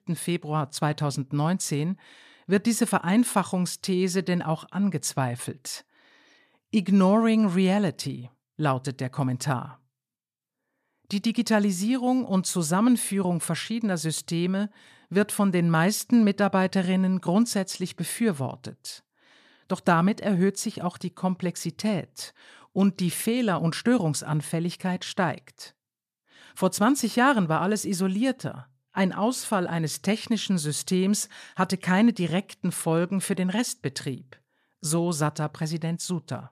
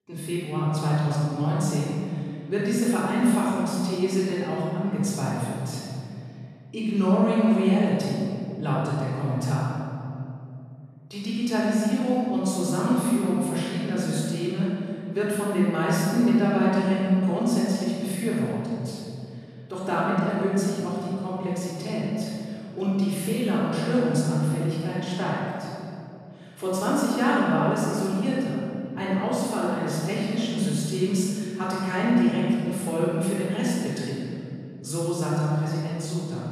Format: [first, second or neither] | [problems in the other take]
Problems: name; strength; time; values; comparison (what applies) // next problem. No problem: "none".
first | room echo; strong; dies away in 2.6 s // off-mic speech; far